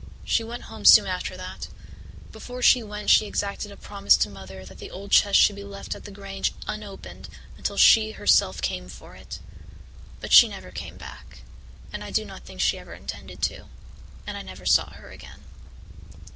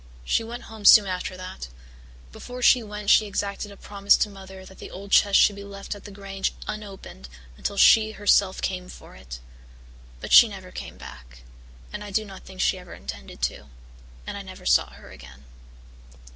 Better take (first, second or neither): second